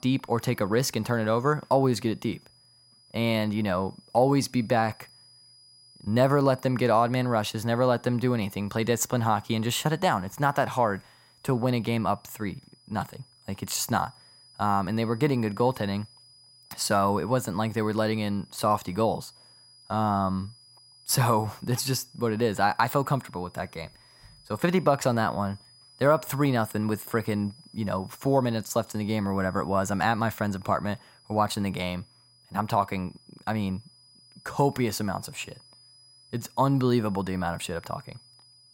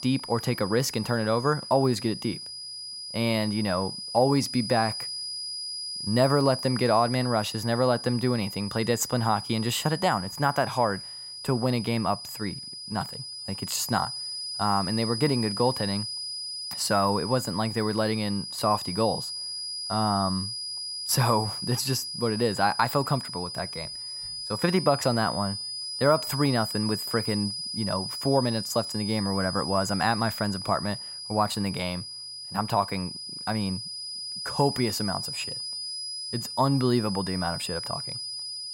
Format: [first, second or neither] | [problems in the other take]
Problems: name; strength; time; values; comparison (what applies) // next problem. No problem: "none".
first | high-pitched whine; loud; throughout; 5 kHz, 6 dB below the speech; faint in the first